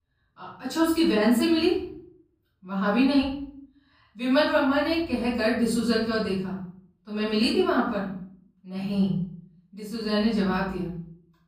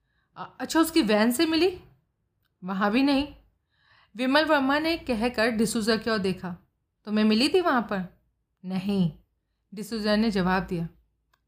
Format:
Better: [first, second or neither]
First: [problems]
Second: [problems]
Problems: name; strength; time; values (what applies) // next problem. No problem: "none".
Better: second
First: room echo; noticeable; dies away in 0.5 s // off-mic speech; far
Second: none